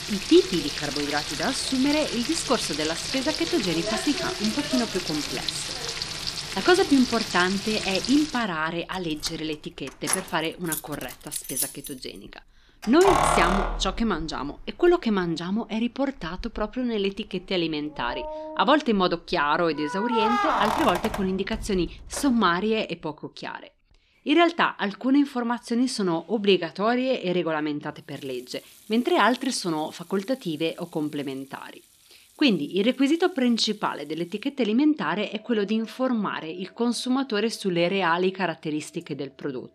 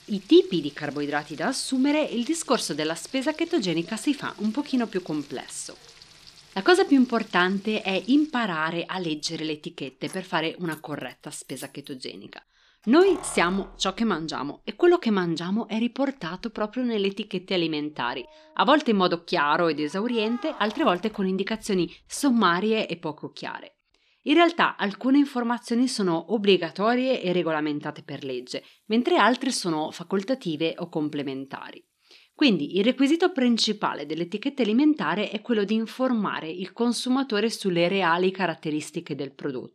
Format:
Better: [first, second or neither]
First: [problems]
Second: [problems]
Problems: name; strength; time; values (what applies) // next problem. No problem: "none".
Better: second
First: household noises; loud; throughout; 4 dB below the speech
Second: household noises; faint; throughout; 25 dB below the speech